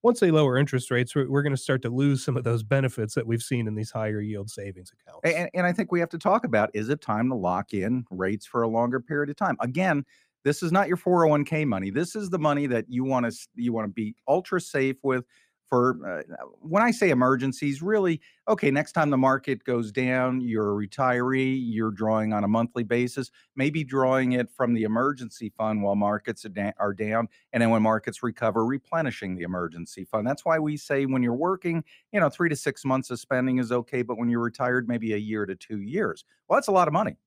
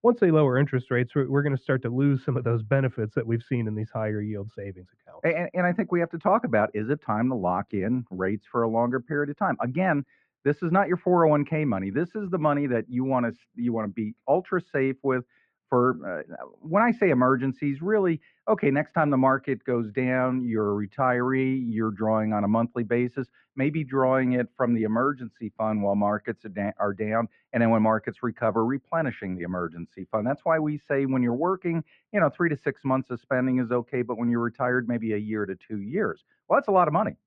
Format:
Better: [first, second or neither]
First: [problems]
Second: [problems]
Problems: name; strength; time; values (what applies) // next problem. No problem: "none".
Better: first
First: none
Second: muffled; very; fading above 2 kHz